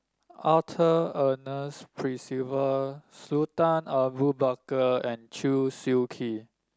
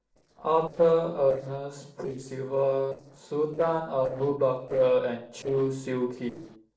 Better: first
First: none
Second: noise reduction (neural separator model SepFormer DNS4)

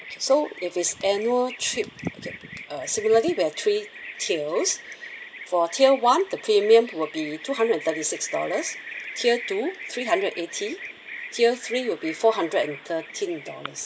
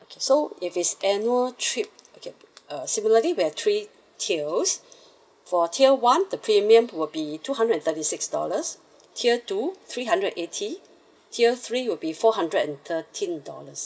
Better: second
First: background sound (Bird vocalization, bird call, bird song); 14 dB below the speech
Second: none

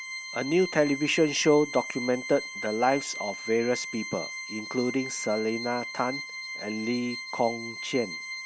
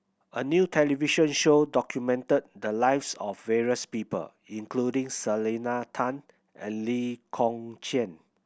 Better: second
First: background sound (Organ); 10 dB below the speech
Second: none

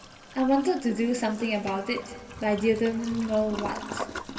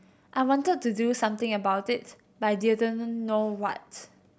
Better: second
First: background sound (Toilet flush); 13 dB below the speech // room echo; dies away in 1.8 s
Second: none

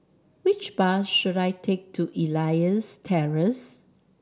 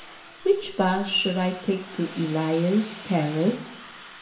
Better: first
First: none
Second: background sound (Domestic sounds, home sounds); 17 dB below the speech // room echo; dies away in 0.7 s

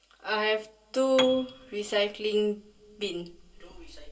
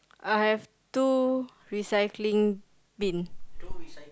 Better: second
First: background sound (Piano); 10 dB below the speech // room echo; dies away in 0.2 s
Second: none

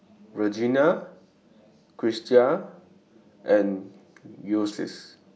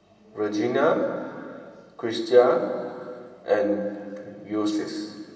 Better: first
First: none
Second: room echo; dies away in 2.7 s

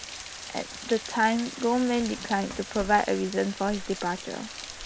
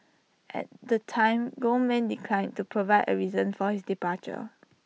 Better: second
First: background sound (Rain); 12 dB below the speech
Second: none

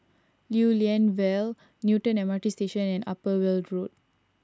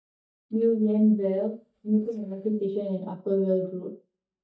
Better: first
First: none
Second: noise reduction (neural mask model DeepFilterNet 3)

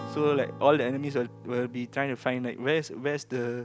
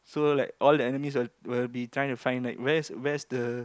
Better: second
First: background sound (Acoustic guitar / Strum); 16 dB below the speech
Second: none

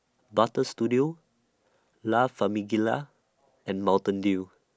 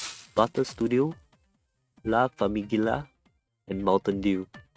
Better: first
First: none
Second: noise reduction (neural mask model RNNoise)

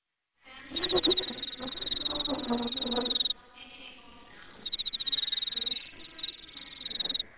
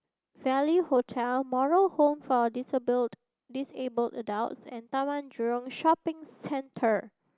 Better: second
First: noise reduction (neural separator model SepFormer WHAMR!)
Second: none

